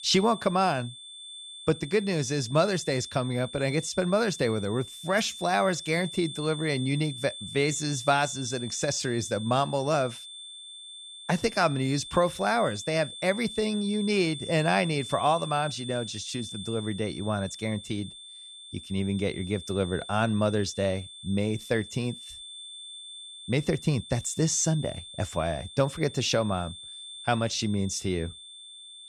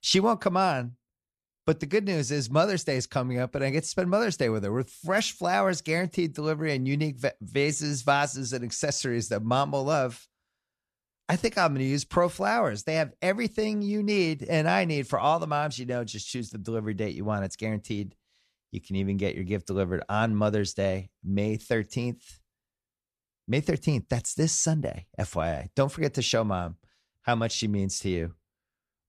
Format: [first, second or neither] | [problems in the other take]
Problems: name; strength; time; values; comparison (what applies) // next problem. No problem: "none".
second | high-pitched whine; noticeable; throughout; 3.5 kHz, 10 dB below the speech